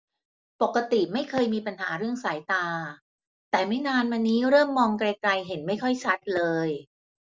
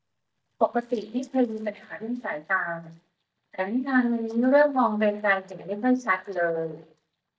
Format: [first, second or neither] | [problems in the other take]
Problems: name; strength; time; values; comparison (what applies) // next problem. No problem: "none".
first | noise reduction (neural mask model DeepFilterNet 3)